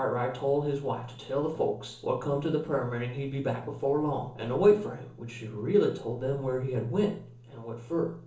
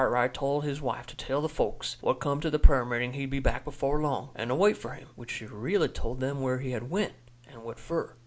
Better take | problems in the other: second | noise reduction (neural separator model SepFormer DNS4)

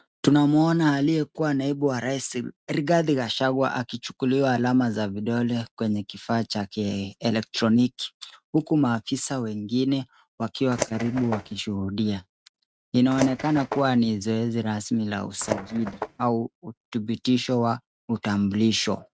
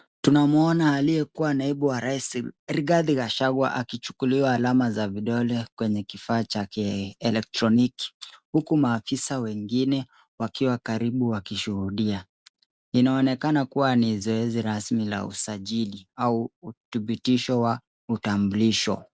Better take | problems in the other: second | noise reduction (neural mask model RNNoise)

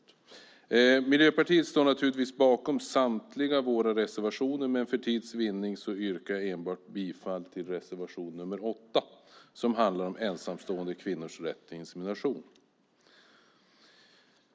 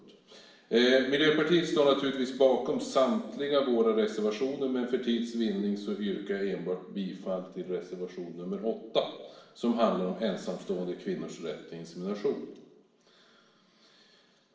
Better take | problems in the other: first | room echo; dies away in 0.9 s

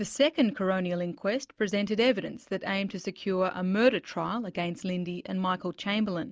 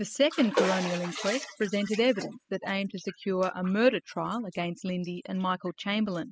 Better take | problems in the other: first | noise reduction (classical method spectral subtraction)

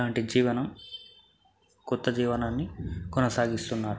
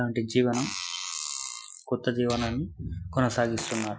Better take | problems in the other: first | noise reduction (classical method Wiener filter)

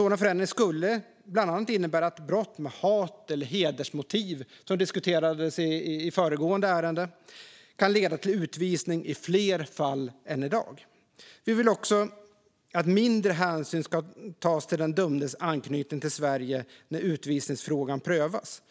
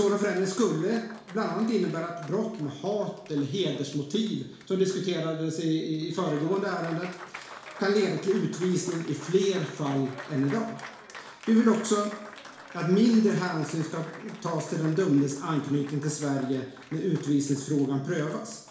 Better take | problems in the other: first | background sound (Applause); 19 dB below the speech // room echo; dies away in 0.7 s

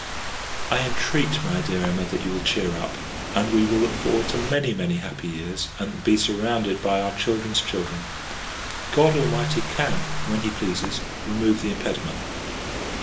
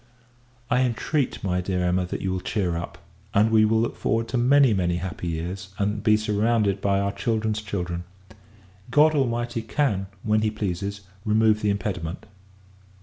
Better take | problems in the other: second | background sound (Rain / Thunderstorm); 5 dB below the speech // room echo; dies away in 0.2 s

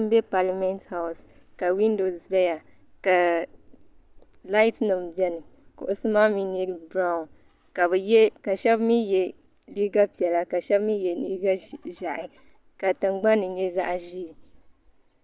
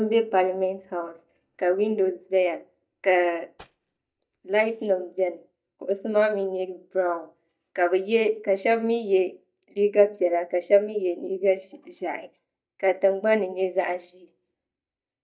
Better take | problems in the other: first | noise reduction (neural mask model DeepFilterNet 3)

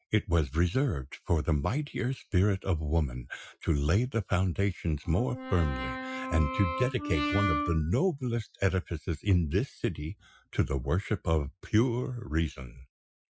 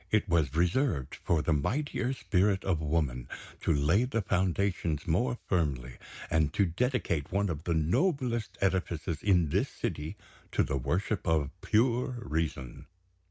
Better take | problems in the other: second | noise reduction (classical method Wiener filter)

